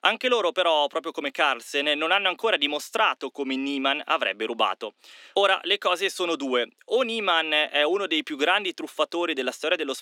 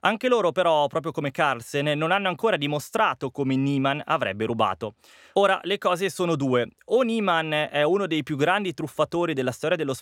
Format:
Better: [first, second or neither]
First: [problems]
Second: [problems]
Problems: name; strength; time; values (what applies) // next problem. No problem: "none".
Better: second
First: thin; very slightly; fading below 250 Hz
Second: none